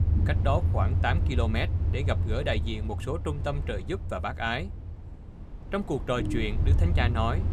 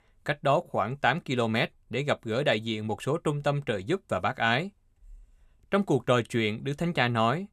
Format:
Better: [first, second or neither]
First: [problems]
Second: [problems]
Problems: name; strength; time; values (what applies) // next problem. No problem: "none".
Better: second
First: low rumble; noticeable; throughout; 10 dB below the speech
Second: none